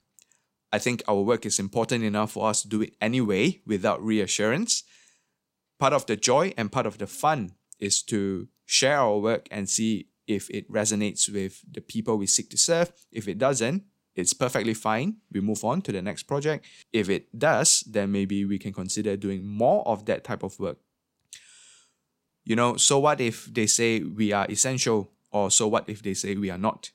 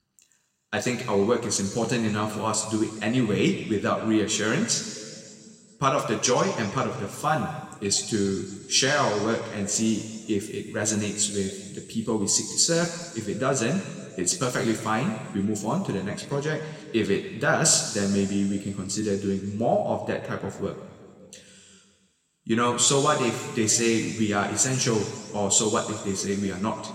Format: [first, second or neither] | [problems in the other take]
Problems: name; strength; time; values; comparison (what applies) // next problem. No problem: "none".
first | room echo; slight; dies away in 2 s